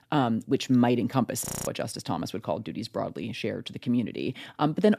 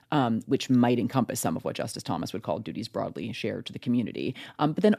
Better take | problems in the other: second | audio freezing; at 1.5 s

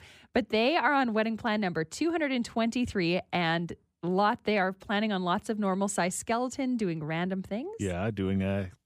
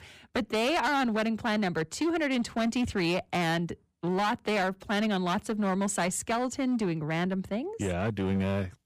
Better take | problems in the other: first | distortion; slight; 15% of the sound clipped

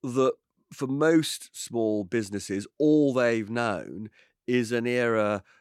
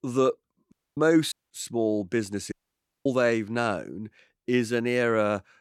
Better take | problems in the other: first | audio cutting out; at 0.5 s, at 1.5 s and at 2.5 s for 0.5 s

